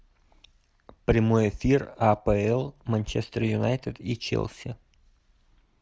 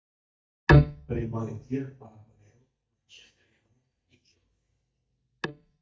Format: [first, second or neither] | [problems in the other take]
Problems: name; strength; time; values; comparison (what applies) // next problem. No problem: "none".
first | noise reduction (neural mask model DeepFilterNet 3)